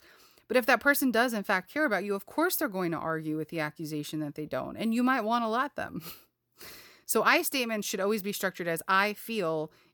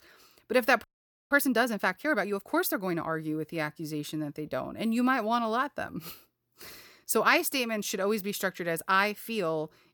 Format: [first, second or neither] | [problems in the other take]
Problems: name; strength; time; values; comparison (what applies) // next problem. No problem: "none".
first | audio freezing; at 1 s